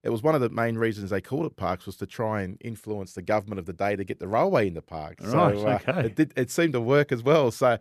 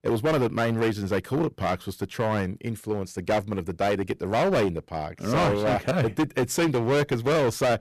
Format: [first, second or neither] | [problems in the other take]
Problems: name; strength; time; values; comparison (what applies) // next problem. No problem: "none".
first | distortion; heavy; 16% of the sound clipped